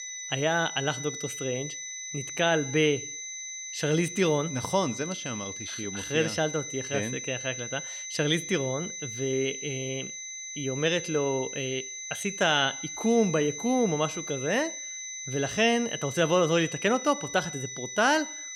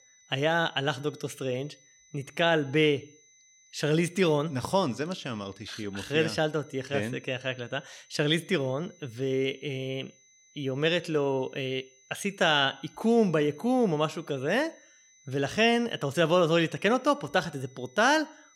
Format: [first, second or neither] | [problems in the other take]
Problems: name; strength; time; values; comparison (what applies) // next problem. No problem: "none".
second | high-pitched whine; loud; throughout; 6 kHz, 7 dB below the speech; faint in the second